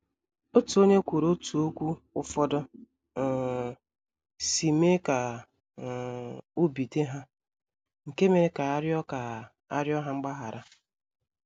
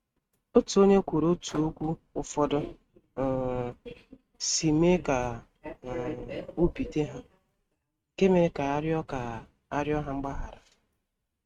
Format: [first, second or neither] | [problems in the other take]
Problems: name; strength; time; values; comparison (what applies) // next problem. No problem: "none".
first | noise reduction (neural mask model RNNoise)